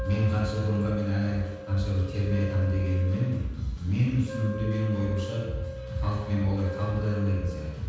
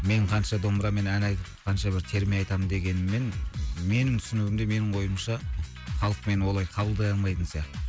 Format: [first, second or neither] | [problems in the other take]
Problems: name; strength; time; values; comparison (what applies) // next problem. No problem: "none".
second | background sound (Wind instrument, woodwind instrument); 12 dB below the speech // room echo; dies away in 1.2 s